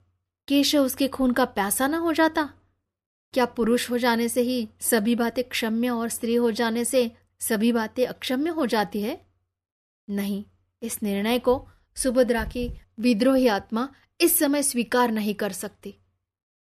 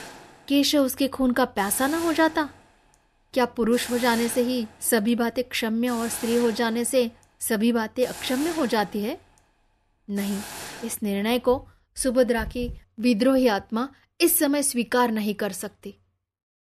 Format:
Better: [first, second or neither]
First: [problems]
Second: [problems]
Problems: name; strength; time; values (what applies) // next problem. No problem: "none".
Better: first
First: none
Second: hiss; noticeable; until 11 s; 15 dB below the speech